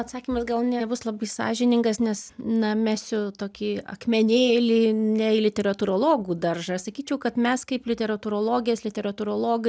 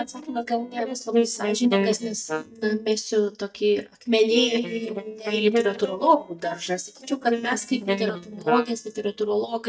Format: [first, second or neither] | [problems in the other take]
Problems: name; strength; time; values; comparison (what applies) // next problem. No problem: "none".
first | noise reduction (neural mask model DeepFilterNet 3)